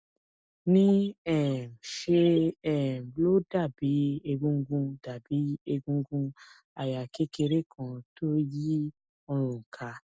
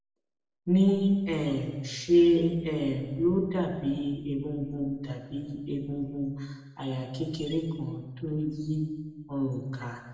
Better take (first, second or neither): first